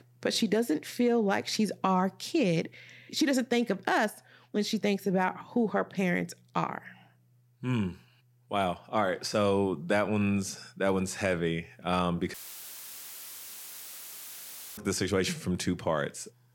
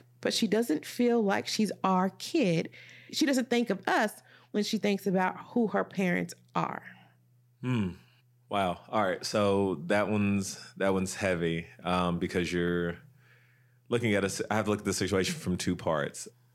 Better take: second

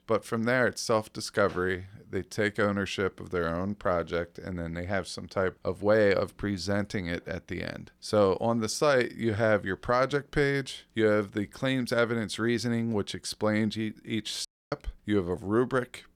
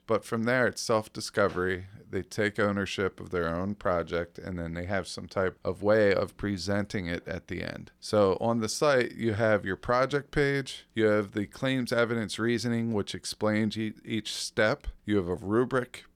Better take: second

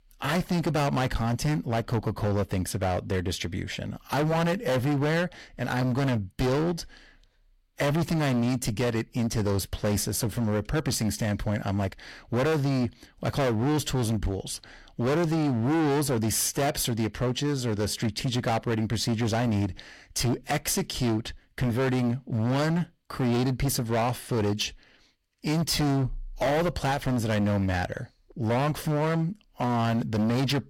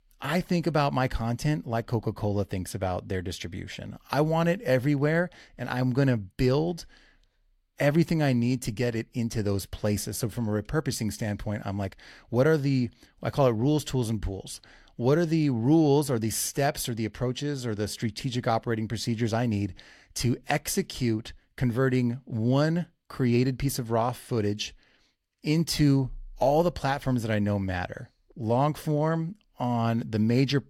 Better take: second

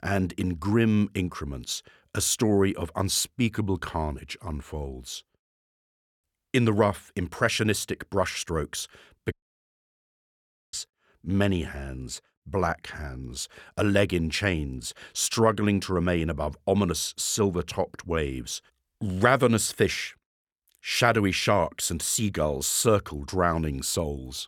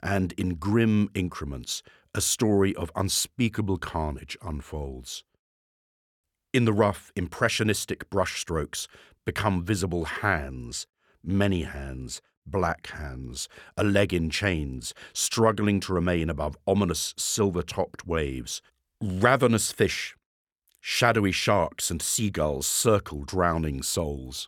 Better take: second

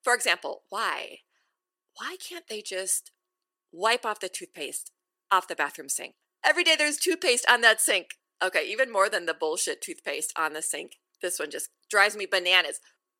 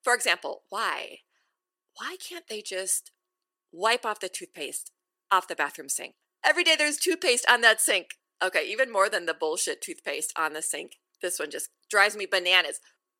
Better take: neither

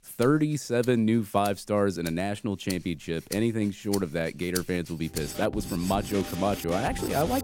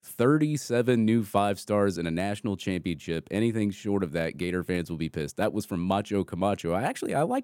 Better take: second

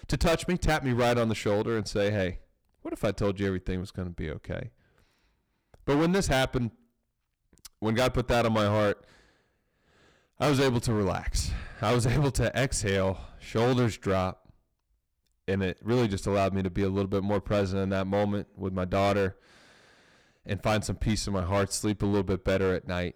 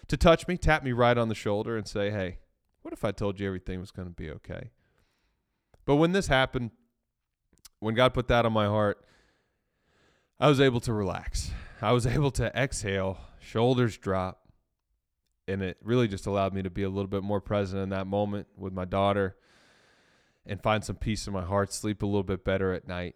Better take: second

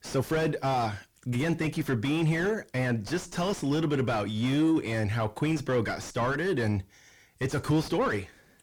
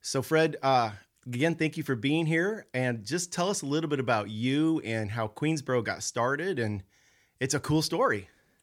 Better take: second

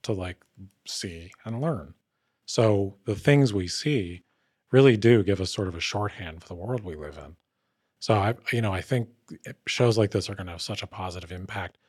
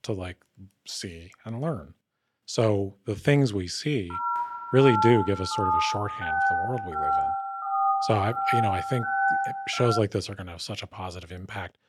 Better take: first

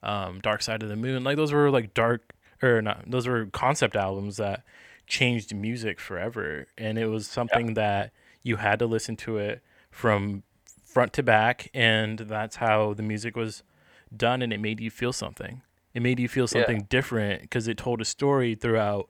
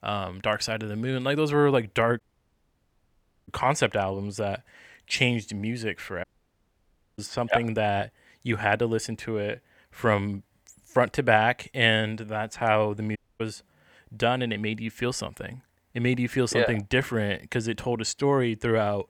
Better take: first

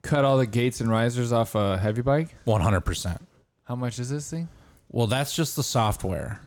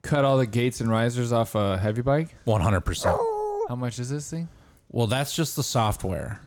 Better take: first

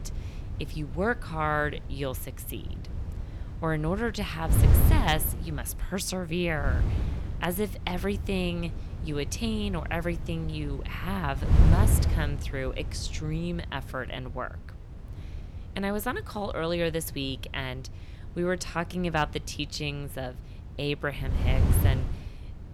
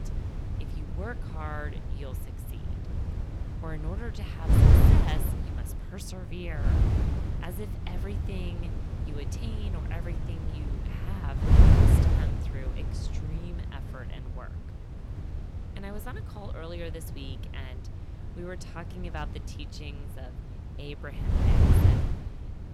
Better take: first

